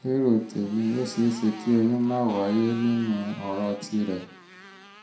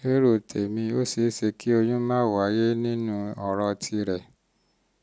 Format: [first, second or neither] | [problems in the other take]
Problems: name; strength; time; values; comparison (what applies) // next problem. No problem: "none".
second | background sound (Motorcycle); 19 dB below the speech // room echo; dies away in 0.4 s